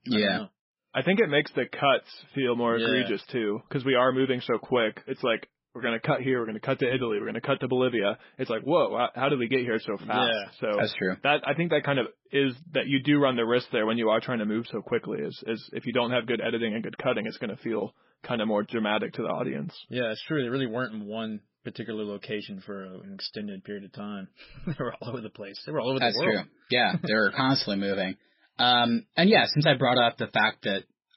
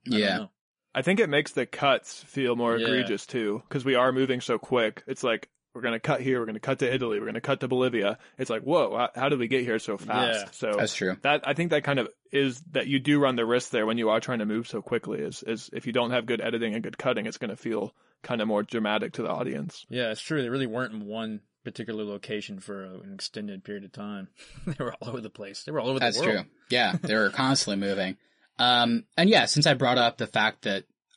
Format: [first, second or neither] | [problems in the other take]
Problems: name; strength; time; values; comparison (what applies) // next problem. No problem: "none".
second | garbled, watery; badly; nothing above 5.5 kHz; slightly in the second